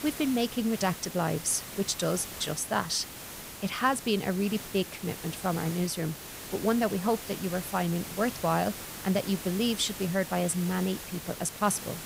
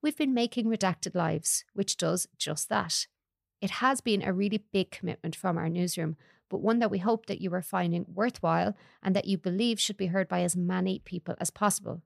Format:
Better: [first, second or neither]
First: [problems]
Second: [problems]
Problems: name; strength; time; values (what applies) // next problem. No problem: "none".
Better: second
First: hiss; loud; throughout; 10 dB below the speech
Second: none